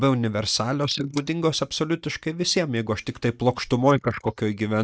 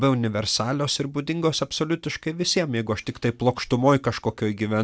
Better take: second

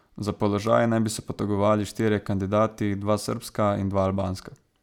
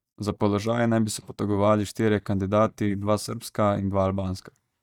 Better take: first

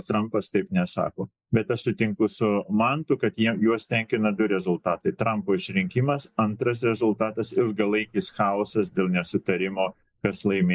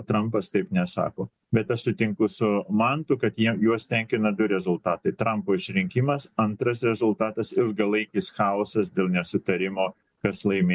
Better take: second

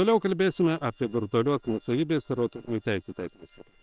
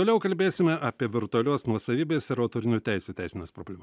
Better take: second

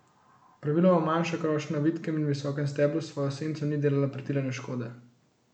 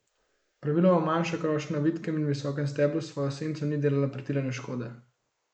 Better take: first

